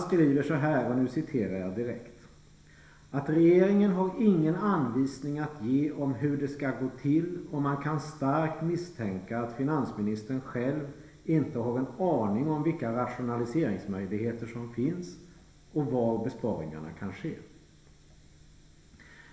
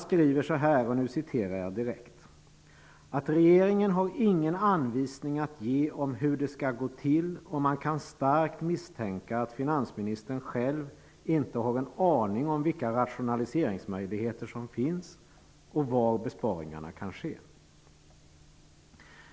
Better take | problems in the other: second | room echo; dies away in 0.9 s

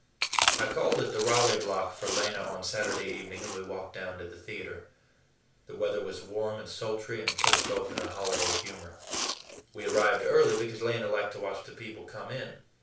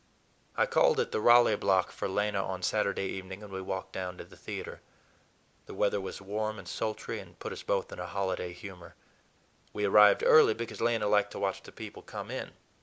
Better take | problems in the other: second | background sound (Chewing, mastication); 1 dB below the speech // room echo; dies away in 0.3 s

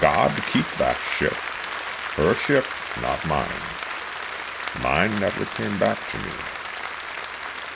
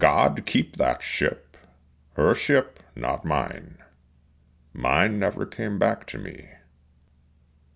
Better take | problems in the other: second | background sound (Applause); 6 dB below the speech

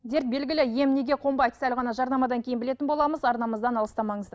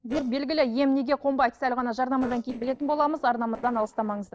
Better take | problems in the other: first | noise reduction (neural separator model SepFormer DNS4)

